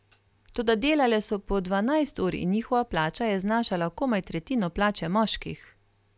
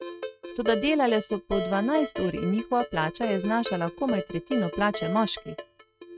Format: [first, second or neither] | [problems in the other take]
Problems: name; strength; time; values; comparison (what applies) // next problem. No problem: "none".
first | noise reduction (neural mask model RNNoise)